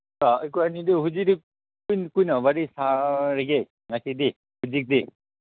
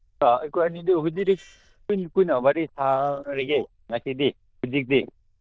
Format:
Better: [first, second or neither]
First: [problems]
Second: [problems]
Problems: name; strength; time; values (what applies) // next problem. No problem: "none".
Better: first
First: none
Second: noise reduction (neural diffusion model UNIVERSE++)